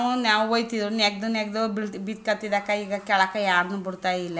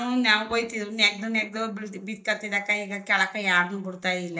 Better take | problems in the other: first | noise reduction (neural mask model DeepFilterNet 3)

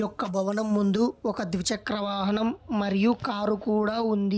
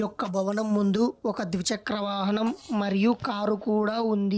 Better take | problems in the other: first | noise reduction (neural separator model SepFormer DNS4)

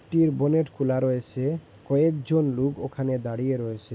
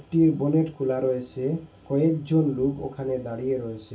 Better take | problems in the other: first | room echo; dies away in 0.2 s

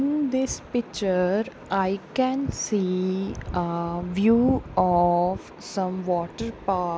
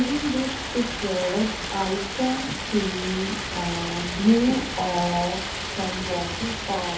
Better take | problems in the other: first | background sound (Stream); 5 dB below the speech // room echo; dies away in 0.5 s

